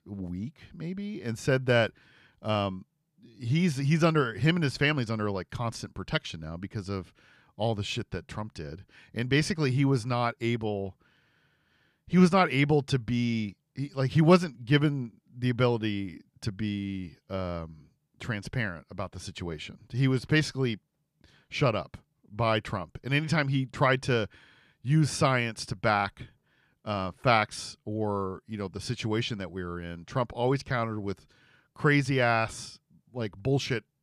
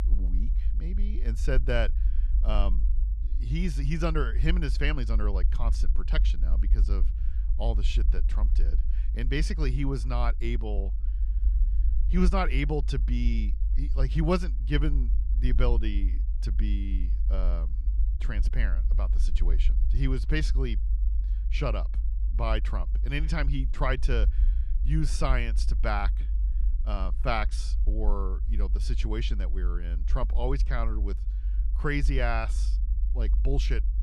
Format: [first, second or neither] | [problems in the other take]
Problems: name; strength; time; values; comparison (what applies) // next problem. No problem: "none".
first | low rumble; noticeable; throughout; 15 dB below the speech